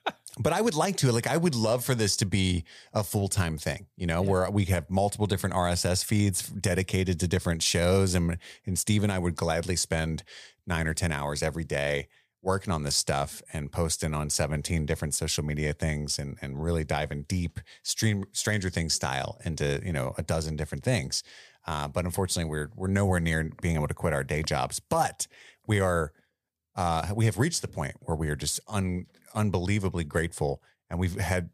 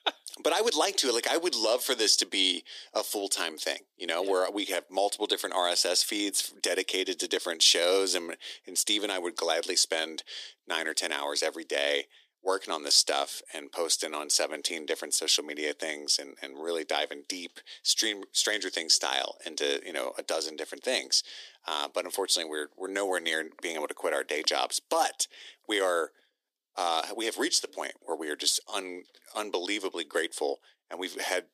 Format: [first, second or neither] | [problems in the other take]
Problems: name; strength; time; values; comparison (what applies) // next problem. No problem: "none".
first | thin; very; fading below 300 Hz